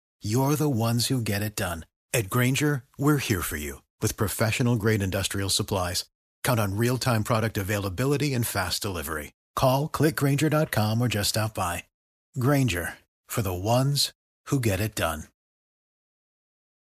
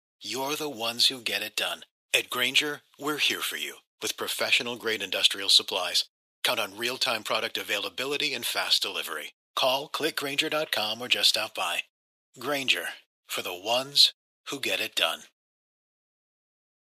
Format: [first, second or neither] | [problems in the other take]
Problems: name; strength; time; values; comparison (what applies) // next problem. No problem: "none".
first | thin; very; fading below 500 Hz